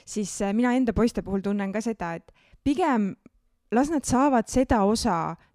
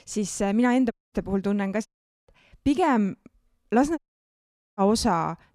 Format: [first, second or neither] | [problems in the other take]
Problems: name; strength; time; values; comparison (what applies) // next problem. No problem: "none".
first | audio cutting out; at 1 s, at 2 s and at 4 s for 1 s